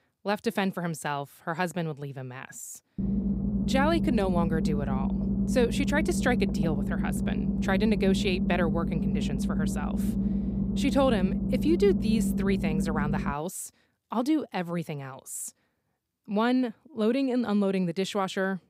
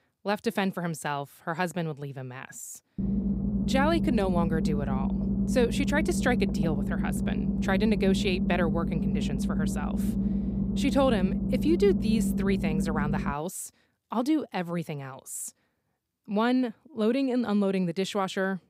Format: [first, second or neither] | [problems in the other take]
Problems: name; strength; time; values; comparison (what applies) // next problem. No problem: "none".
neither | low rumble; loud; from 3 to 13 s; 6 dB below the speech; the same in both